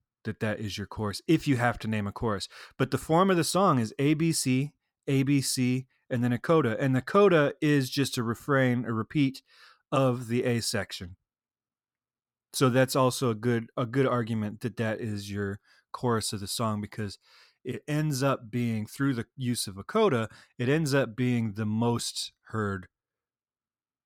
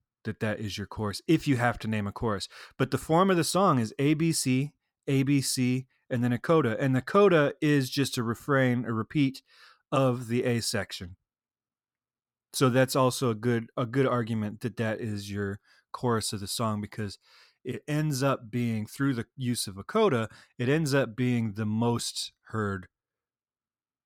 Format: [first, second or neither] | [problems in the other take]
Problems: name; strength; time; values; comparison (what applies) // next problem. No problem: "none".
neither | none